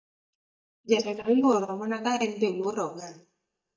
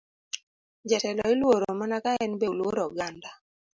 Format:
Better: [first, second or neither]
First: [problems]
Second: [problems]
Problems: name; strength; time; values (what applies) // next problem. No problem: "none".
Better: second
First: noise reduction (neural mask model DeepFilterNet 3)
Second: none